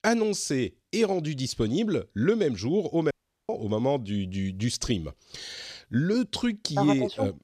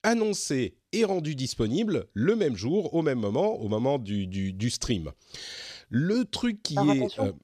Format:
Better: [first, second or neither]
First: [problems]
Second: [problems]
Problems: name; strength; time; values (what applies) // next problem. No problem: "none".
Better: second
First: audio cutting out; at 3 s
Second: none